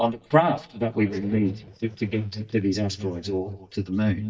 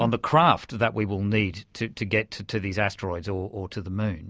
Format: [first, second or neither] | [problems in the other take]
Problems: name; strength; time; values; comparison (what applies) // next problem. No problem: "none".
second | noise reduction (neural mask model DeepFilterNet 3)